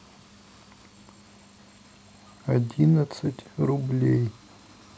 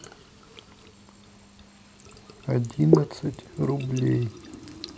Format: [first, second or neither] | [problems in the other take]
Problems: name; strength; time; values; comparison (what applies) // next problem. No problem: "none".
first | background sound (Trickle, dribble / Sink (filling or washing)); 4 dB below the speech